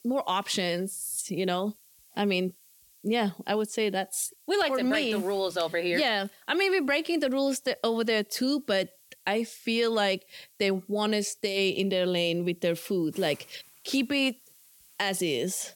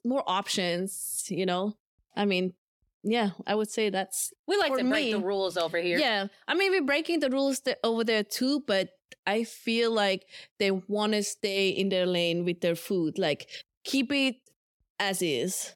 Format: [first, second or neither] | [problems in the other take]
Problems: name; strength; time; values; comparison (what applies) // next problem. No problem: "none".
second | hiss; faint; throughout; 25 dB below the speech